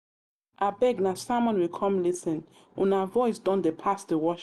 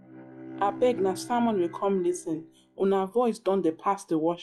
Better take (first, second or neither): first